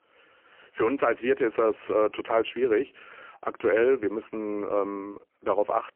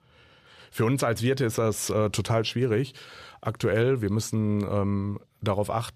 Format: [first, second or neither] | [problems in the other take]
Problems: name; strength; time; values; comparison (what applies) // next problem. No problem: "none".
second | phone-call audio; poor line; nothing above 3 kHz